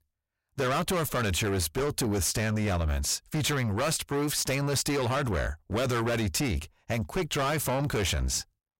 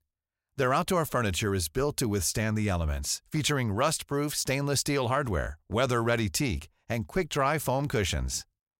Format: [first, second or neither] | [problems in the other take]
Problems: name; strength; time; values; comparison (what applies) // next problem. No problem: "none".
second | distortion; heavy; 7 dB below the speech